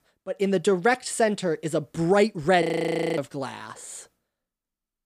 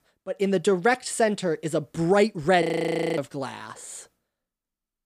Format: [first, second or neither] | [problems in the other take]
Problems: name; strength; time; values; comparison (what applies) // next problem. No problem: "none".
neither | audio freezing; at 2.5 s for 0.5 s; the same in both